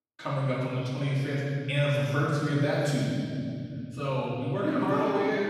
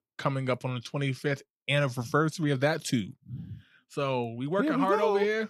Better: second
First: off-mic speech; far // room echo; strong; dies away in 2.5 s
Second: none

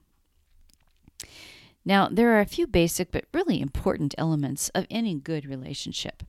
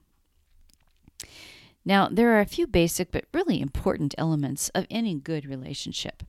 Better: neither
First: none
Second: none

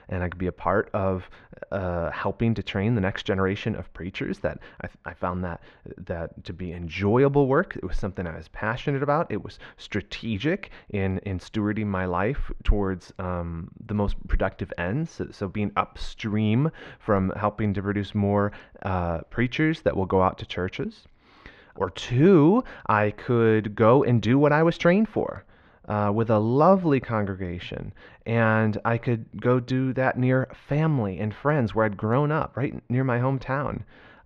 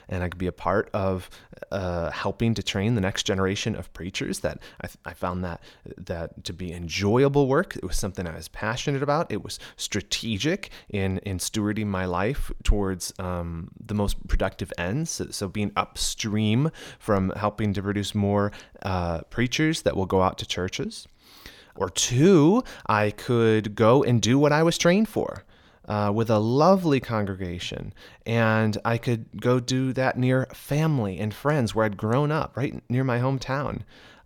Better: second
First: muffled; very; fading above 2 kHz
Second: none

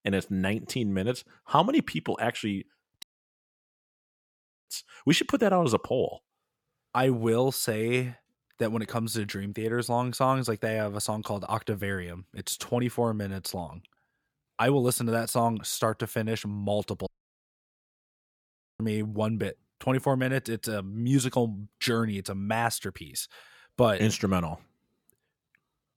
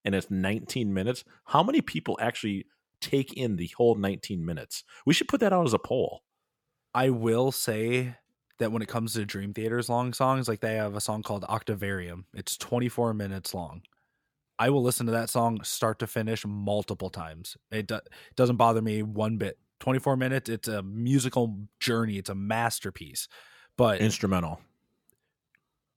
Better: second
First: audio cutting out; at 3 s for 1.5 s and at 17 s for 1.5 s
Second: none

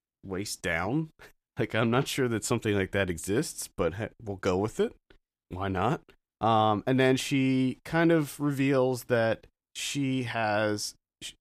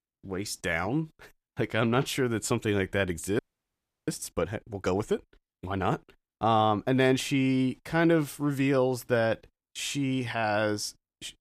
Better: first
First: none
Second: audio freezing; at 3.5 s for 0.5 s

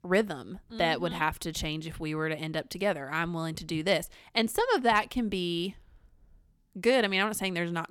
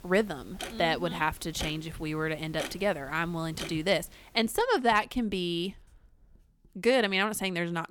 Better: first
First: none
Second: household noises; noticeable; throughout; 15 dB below the speech

